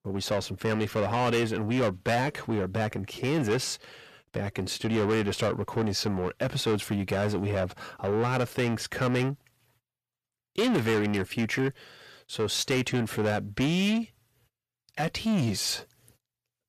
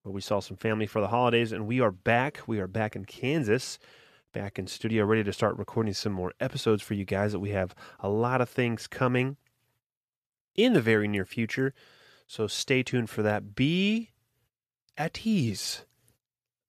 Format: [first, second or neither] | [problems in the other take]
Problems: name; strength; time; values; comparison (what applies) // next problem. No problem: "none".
second | distortion; heavy; 7 dB below the speech